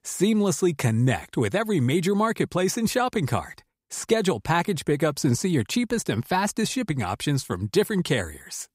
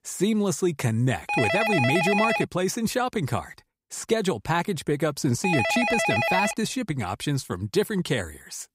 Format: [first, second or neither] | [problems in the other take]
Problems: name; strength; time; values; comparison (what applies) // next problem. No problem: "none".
first | phone ringing; loud; from 1.5 to 6.5 s; peak 3 dB above the speech